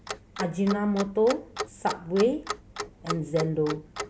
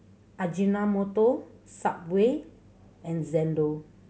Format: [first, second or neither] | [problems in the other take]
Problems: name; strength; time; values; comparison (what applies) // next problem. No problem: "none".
second | background sound (Clock); 9 dB below the speech